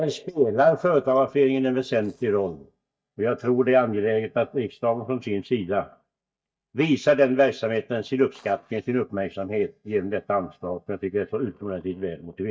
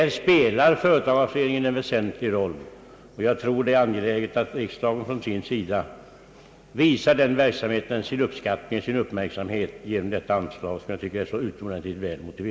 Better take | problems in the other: second | noise reduction (neural mask model DeepFilterNet 3)

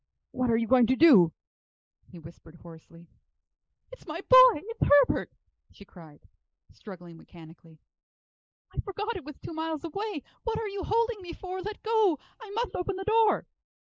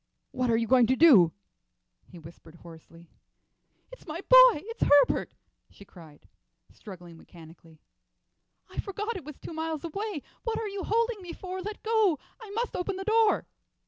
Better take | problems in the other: second | noise reduction (neural mask model Resemble Enhance denoiser)

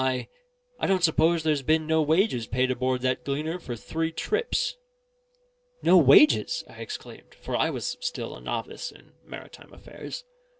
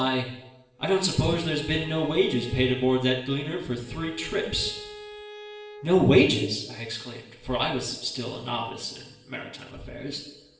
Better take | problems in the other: first | background sound (Bowed string instrument); 17 dB below the speech // room echo; dies away in 0.8 s

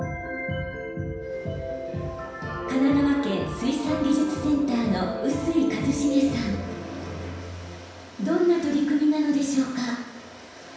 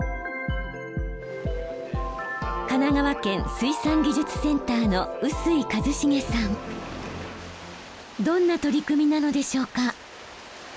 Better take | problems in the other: second | room echo; dies away in 0.9 s

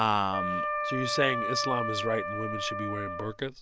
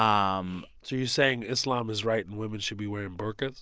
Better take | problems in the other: second | background sound (Wind instrument, woodwind instrument); 2 dB below the speech

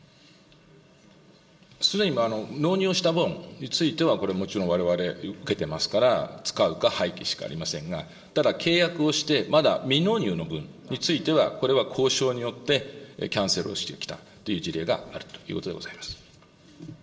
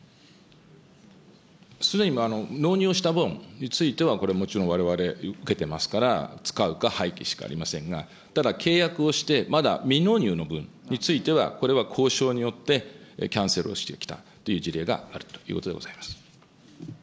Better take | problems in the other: second | room echo; dies away in 2.9 s

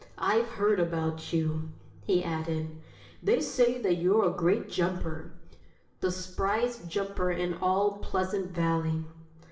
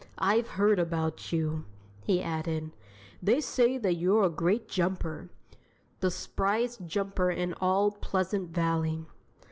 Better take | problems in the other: second | room echo; dies away in 0.7 s

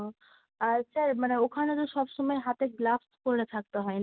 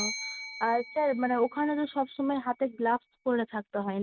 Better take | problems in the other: first | background sound (Bell); 13 dB below the speech

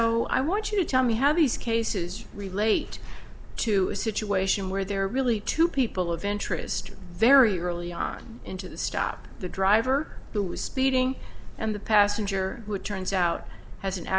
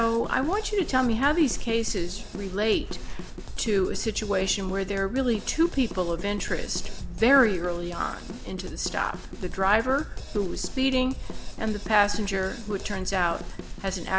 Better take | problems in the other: first | background sound (Drum kit); 14 dB below the speech

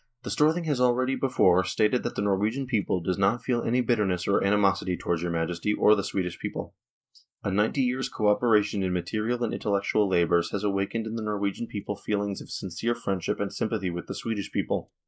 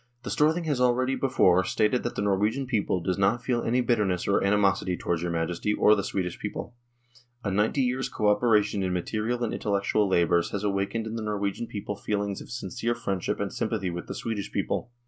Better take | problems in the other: second | noise reduction (neural mask model Resemble Enhance denoiser)

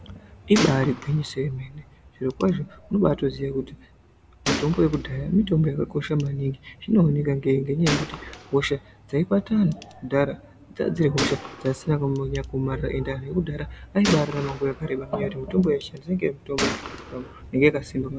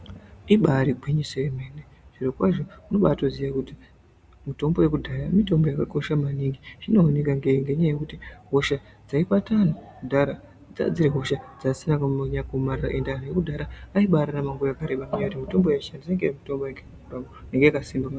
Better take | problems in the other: second | background sound (Gunshot, gunfire); 11 dB below the speech

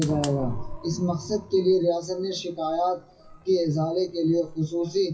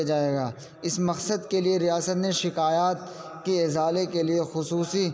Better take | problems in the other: second | noise reduction (classical method WPE with log-MMSE)

